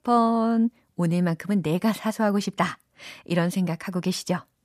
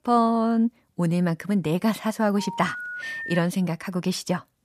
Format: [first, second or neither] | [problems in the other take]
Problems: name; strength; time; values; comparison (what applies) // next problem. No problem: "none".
first | phone ringing; noticeable; from 2.5 to 3.5 s; peak 6 dB below the speech